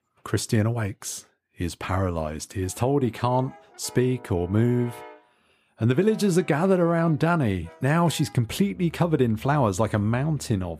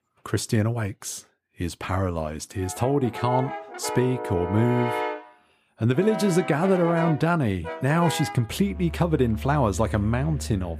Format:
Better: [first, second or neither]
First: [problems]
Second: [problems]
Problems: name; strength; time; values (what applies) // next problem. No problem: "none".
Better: first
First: background music; faint; from 2.5 s on; 25 dB below the speech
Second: background music; loud; from 2.5 s on; 8 dB below the speech